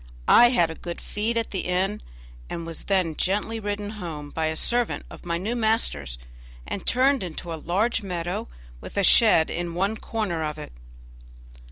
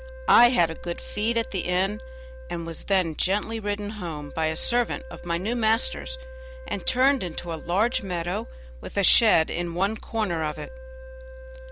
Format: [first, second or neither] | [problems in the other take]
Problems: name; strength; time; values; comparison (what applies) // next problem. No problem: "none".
first | background sound (Wind instrument, woodwind instrument); 18 dB below the speech